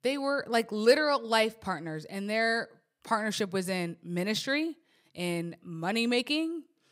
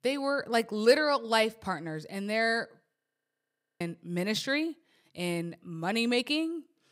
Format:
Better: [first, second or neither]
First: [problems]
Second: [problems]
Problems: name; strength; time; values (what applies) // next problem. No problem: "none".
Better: first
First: none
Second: audio freezing; at 3 s for 1 s